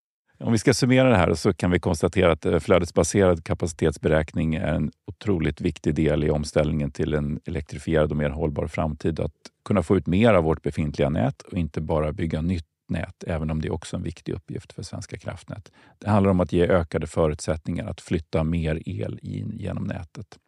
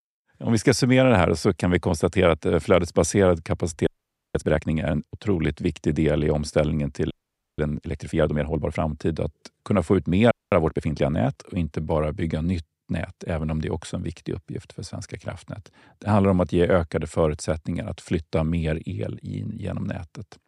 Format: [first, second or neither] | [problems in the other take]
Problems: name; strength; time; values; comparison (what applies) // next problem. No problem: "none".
first | audio freezing; at 4 s, at 7 s and at 10 s